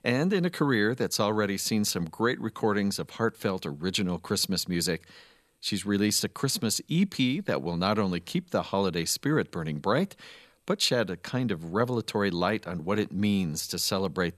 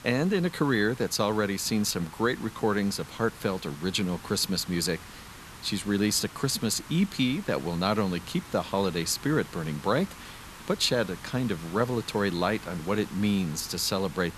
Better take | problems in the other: first | hiss; noticeable; throughout; 15 dB below the speech

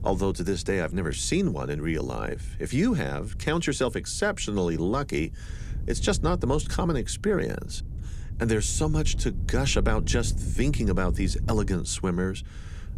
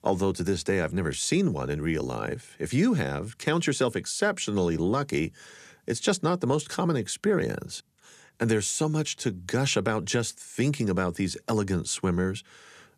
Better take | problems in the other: second | wind noise on the microphone; occasional gusts; 20 dB below the speech

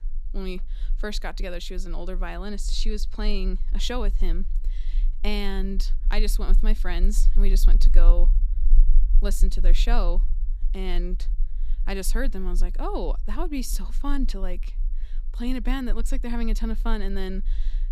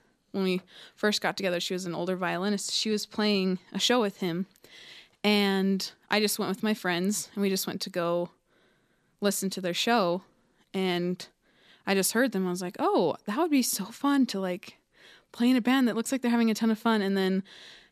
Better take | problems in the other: second | low rumble; faint; throughout; 20 dB below the speech

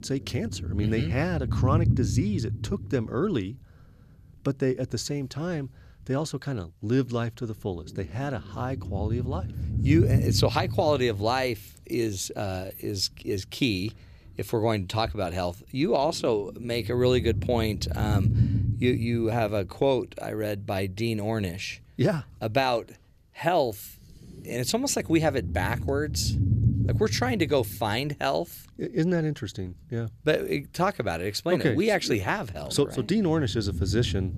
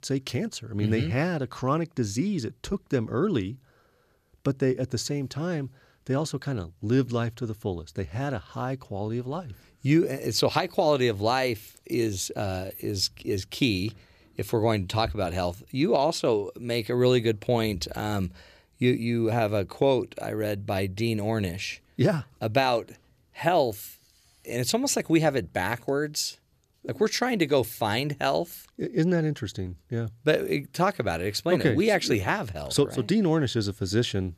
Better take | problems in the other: second | low rumble; noticeable; throughout; 15 dB below the speech

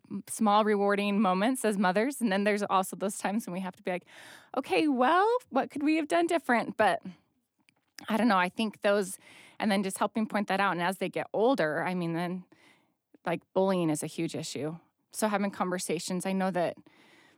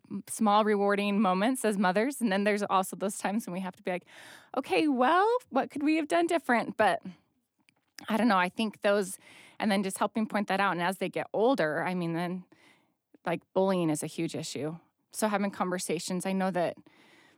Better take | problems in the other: neither | none

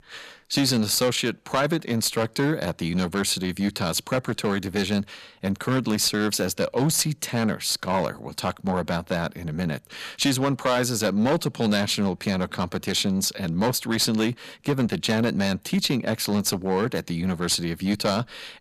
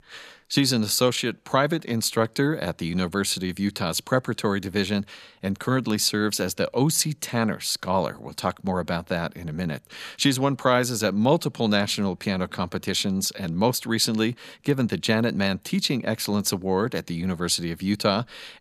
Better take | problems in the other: second | distortion; slight; 6% of the sound clipped

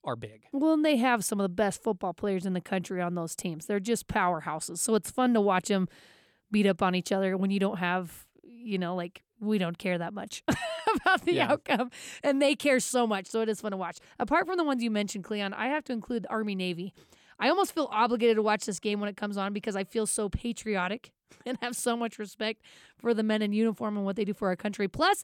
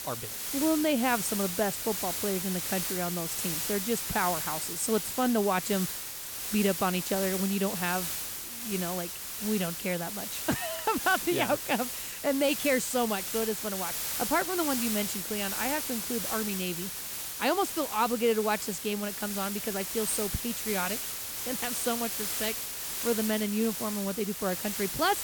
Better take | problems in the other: first | hiss; loud; throughout; 2 dB below the speech

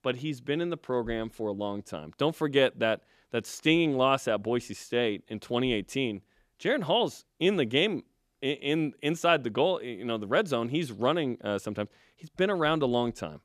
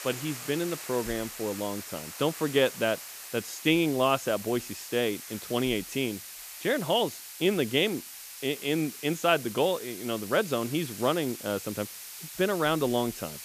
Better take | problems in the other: first | hiss; noticeable; throughout; 10 dB below the speech

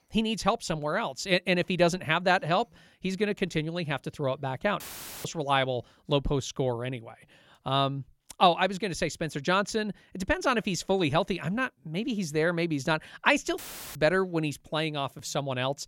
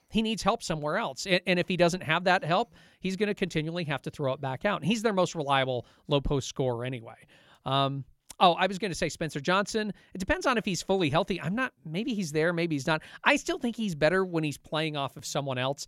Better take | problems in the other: second | audio cutting out; filled with static; at 5 s and at 14 s

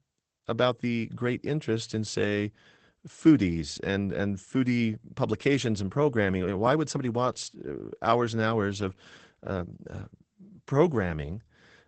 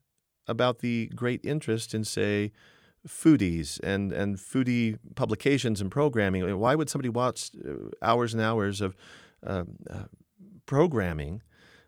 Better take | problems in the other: second | garbled, watery; badly; nothing above 8 kHz

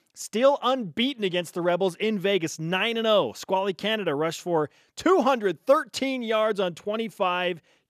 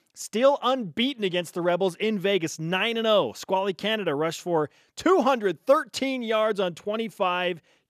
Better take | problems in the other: neither | none

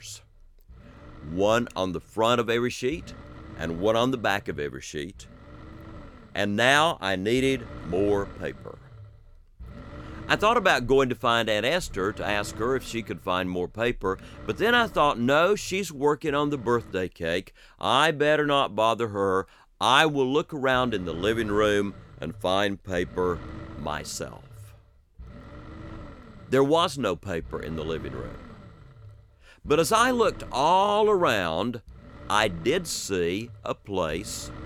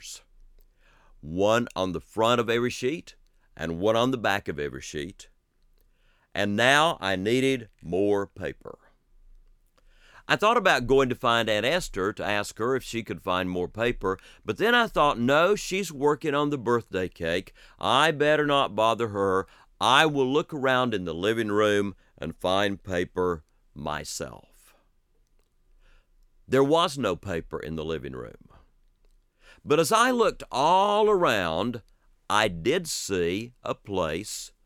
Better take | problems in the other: second | low rumble; faint; until 17 s and from 20 s on; 25 dB below the speech

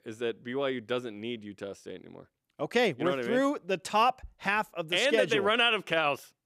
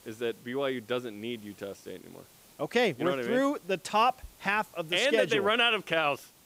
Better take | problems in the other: first | hiss; faint; throughout; 25 dB below the speech

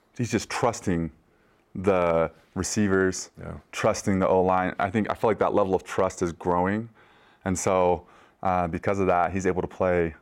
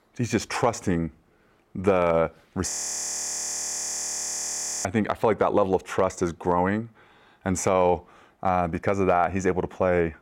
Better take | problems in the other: first | audio freezing; at 2.5 s for 2 s

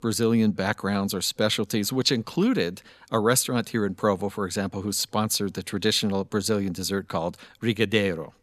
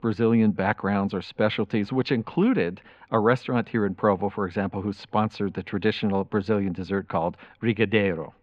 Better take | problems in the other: first | muffled; very; fading above 2.5 kHz

